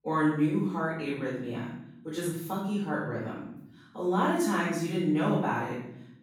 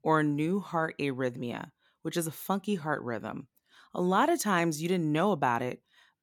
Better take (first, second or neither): second